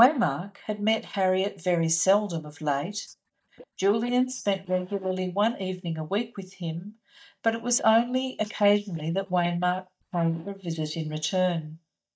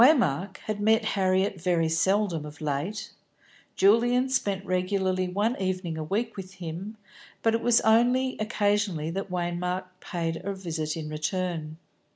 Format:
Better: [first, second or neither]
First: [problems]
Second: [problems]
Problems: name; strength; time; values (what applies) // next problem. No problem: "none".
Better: second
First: noise reduction (neural mask model DeepFilterNet 3)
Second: none